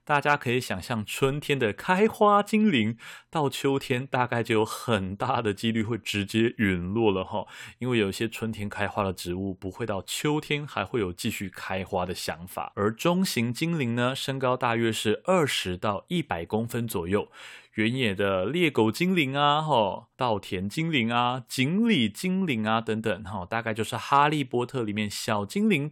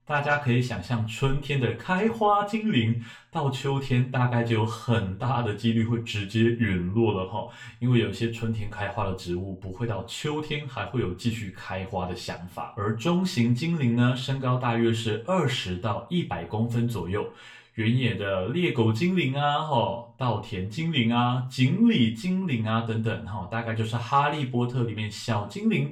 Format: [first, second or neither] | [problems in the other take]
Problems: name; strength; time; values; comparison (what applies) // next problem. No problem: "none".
first | room echo; slight; dies away in 0.3 s // off-mic speech; far